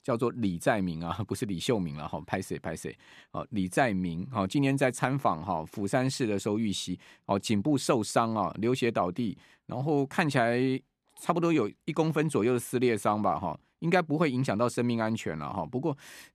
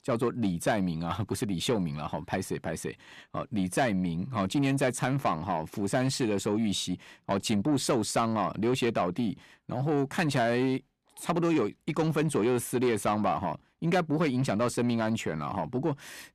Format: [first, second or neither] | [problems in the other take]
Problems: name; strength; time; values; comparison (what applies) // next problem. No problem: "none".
first | distortion; slight; 10 dB below the speech